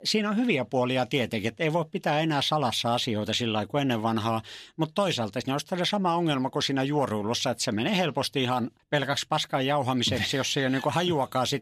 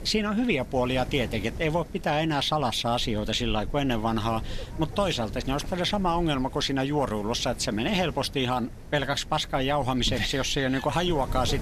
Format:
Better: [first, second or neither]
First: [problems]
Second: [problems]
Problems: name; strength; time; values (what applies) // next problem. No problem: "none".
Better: first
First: none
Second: wind noise on the microphone; occasional gusts; 20 dB below the speech